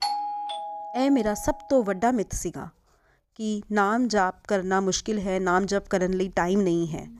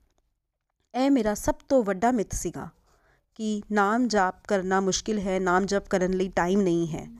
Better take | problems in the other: second | doorbell; noticeable; until 1.5 s; peak 3 dB below the speech

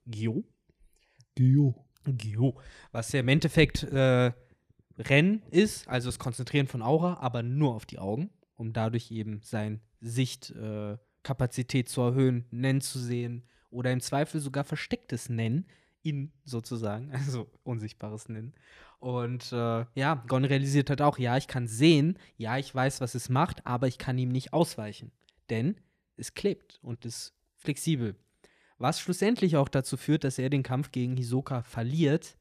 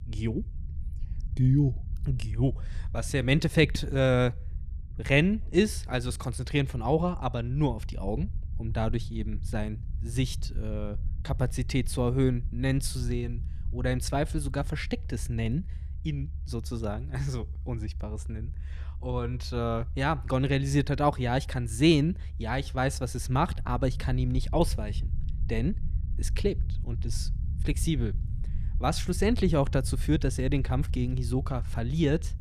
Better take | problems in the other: first | low rumble; faint; throughout; 20 dB below the speech

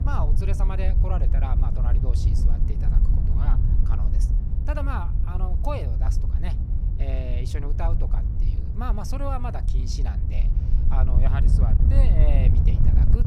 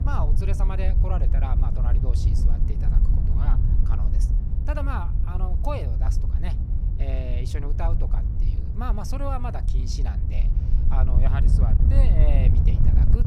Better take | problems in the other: neither | wind noise on the microphone; heavy; 4 dB below the speech; the same in both

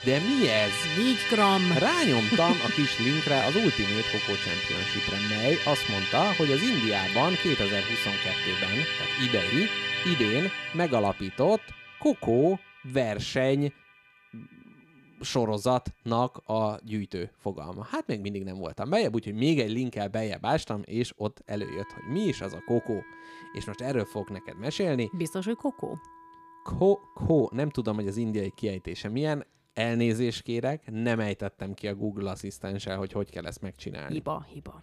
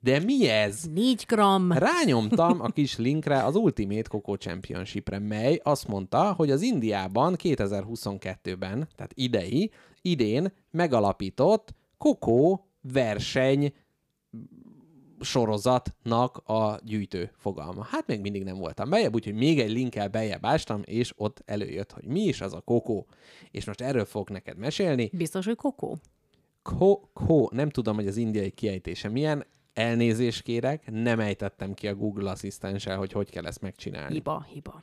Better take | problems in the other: second | background music; very loud; throughout; 2 dB above the speech

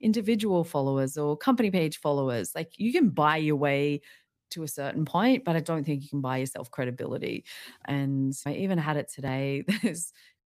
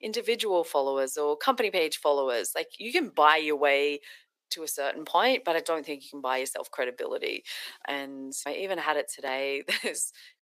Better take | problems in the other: first | thin; very; fading below 400 Hz

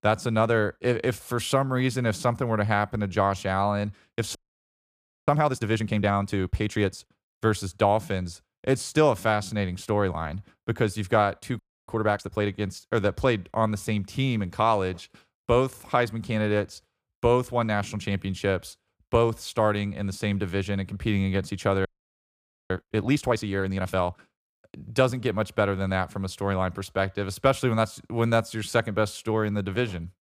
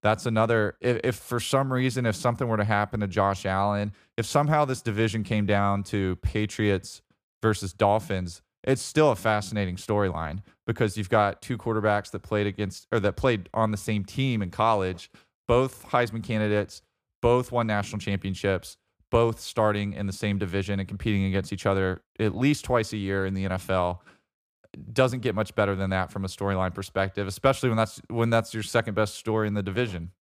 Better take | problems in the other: second | audio freezing; at 4.5 s for 1 s, at 12 s and at 22 s for 1 s

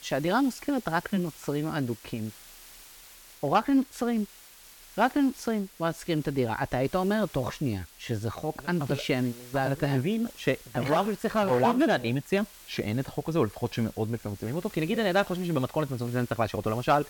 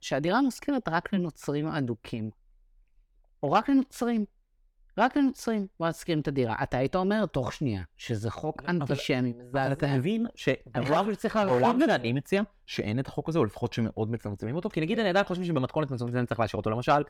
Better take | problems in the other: second | hiss; noticeable; throughout; 20 dB below the speech

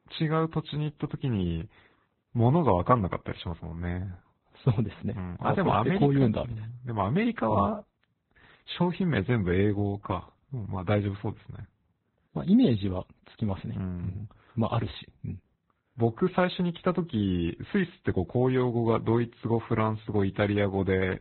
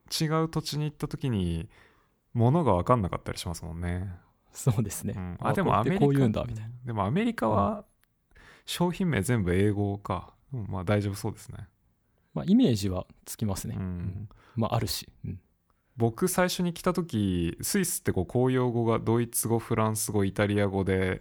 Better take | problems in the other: second | garbled, watery; badly; nothing above 4 kHz

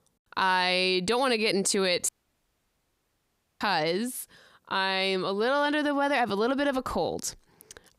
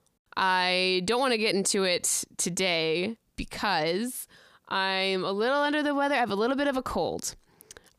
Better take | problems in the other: second | audio cutting out; at 2 s for 1.5 s

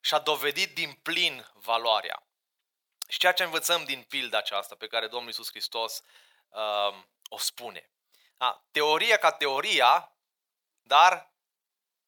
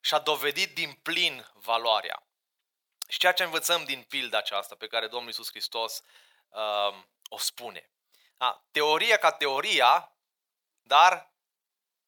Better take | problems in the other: neither | thin; very; fading below 750 Hz; the same in both

